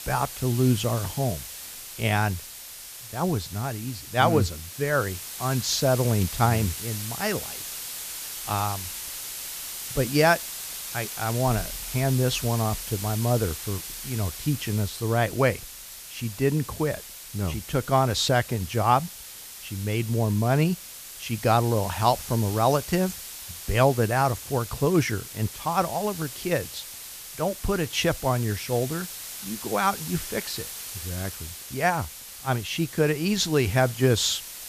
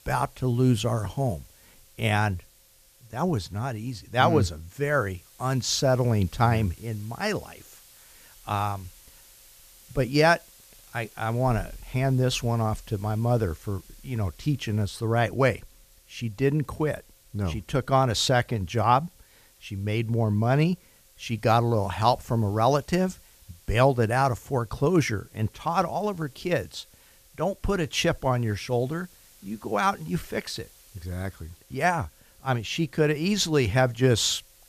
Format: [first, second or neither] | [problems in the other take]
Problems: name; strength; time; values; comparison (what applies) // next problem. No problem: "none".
second | hiss; loud; throughout; 9 dB below the speech; faint in the second